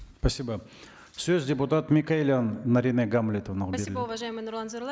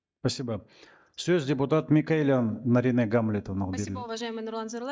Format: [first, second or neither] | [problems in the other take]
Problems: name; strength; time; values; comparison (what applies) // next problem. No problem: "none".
first | noise reduction (neural mask model DeepFilterNet 3)